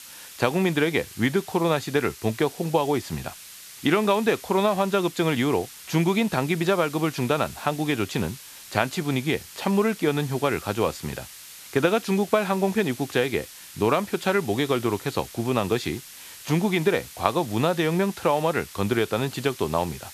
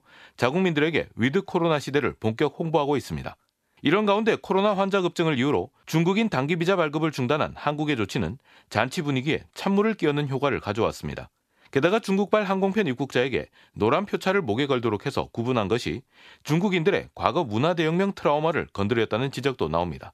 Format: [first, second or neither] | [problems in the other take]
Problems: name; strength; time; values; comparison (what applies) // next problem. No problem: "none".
second | hiss; noticeable; throughout; 15 dB below the speech